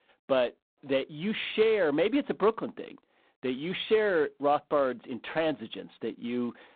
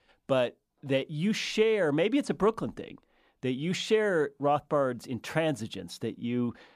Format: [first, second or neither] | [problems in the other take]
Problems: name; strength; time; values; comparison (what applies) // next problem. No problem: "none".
second | phone-call audio; poor line; nothing above 3.5 kHz